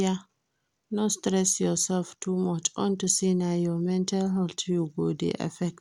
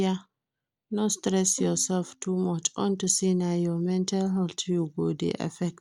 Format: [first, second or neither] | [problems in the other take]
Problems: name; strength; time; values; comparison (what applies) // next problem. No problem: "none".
first | noise reduction (neural mask model DeepFilterNet 3)